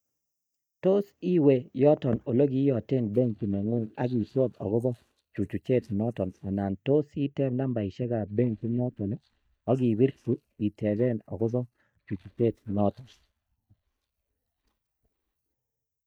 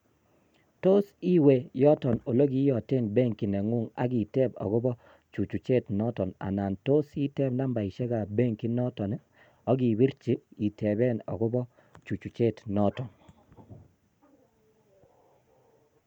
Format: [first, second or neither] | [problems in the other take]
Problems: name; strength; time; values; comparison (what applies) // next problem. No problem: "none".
second | noise reduction (neural mask model DeepFilterNet 3)